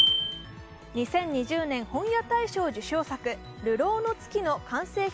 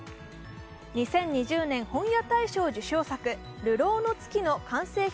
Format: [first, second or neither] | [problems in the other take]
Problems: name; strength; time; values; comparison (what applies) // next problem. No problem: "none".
second | background sound (Bicycle bell); 6 dB below the speech